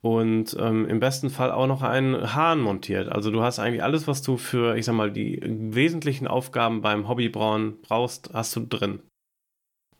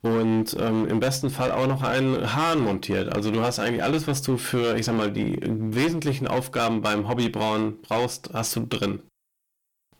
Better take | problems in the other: first | distortion; heavy; 17% of the sound clipped

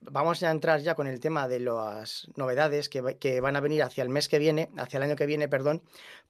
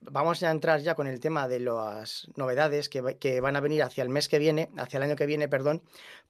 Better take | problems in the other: neither | none

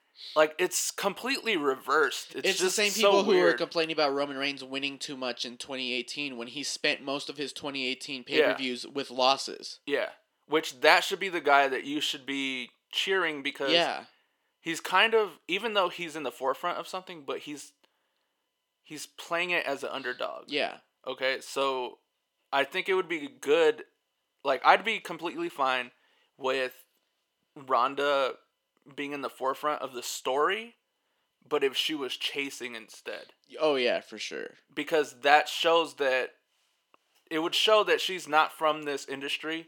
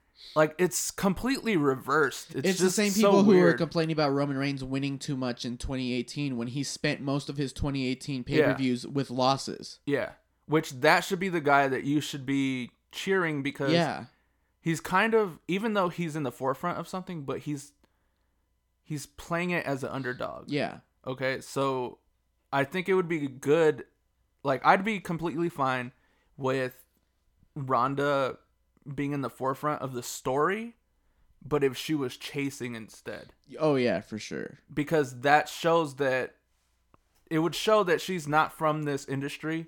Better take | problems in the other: second | thin; somewhat; fading below 450 Hz

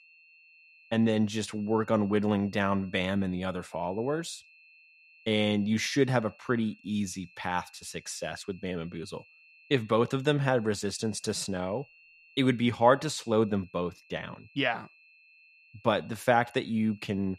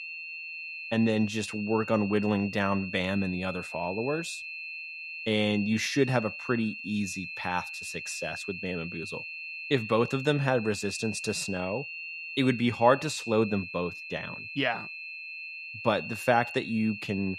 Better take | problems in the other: first | high-pitched whine; loud; throughout; 2.5 kHz, 8 dB below the speech; faint in the first

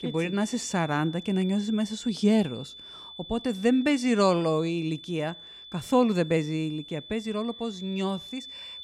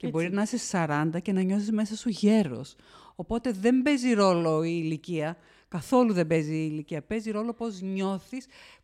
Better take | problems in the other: second | high-pitched whine; noticeable; throughout; 3.5 kHz, 15 dB below the speech

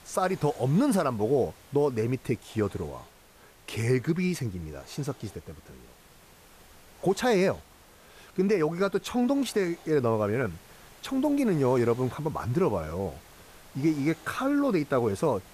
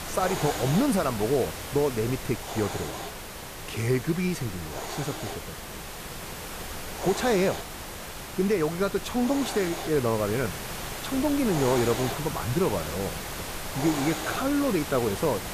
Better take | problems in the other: first | hiss; loud; throughout; 7 dB below the speech; faint in the first

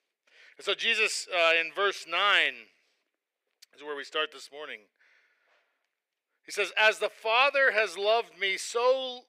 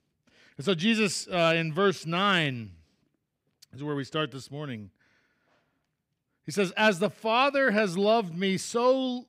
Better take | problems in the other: second | thin; very; fading below 450 Hz

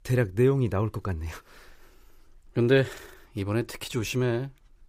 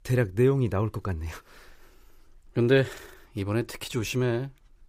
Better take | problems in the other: neither | none

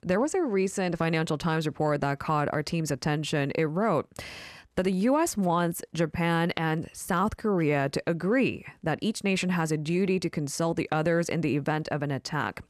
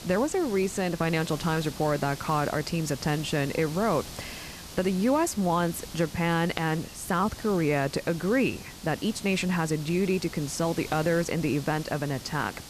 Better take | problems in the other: first | hiss; noticeable; throughout; 15 dB below the speech

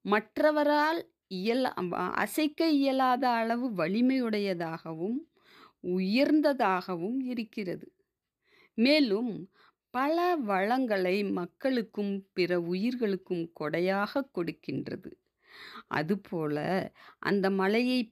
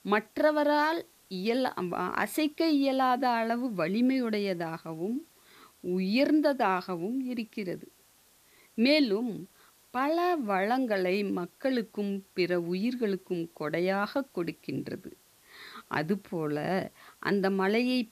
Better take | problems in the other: first | hiss; faint; throughout; 30 dB below the speech

